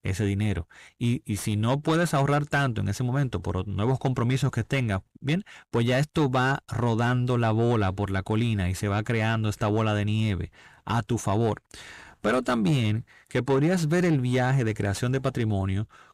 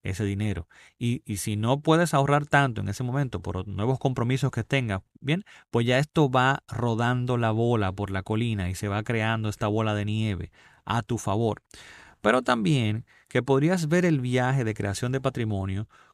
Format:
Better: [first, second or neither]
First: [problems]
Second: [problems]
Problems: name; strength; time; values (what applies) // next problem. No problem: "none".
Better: second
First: distortion; slight; 10 dB below the speech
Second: none